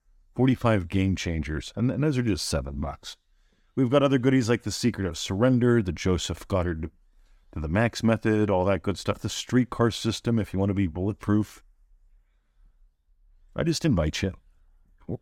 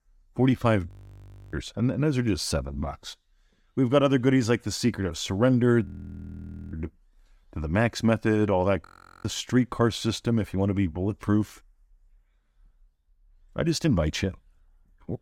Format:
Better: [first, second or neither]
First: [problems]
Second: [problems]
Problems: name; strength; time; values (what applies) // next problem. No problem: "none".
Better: first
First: none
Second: audio freezing; at 1 s for 0.5 s, at 6 s for 1 s and at 9 s